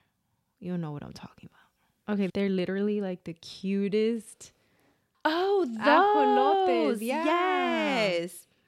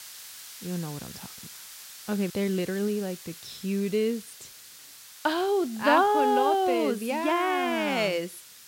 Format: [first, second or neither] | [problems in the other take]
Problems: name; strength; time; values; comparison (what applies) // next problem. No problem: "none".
first | hiss; noticeable; throughout; 15 dB below the speech